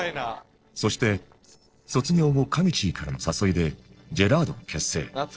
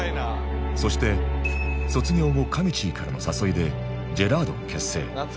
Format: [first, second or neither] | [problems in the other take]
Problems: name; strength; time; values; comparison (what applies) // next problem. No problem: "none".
second | noise reduction (neural separator model SepFormer DNS4)